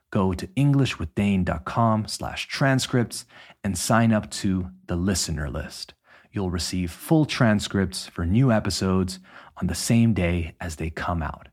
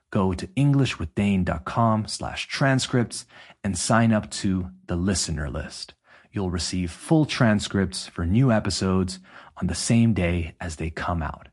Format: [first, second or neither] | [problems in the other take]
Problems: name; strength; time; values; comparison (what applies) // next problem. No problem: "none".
first | garbled, watery; slightly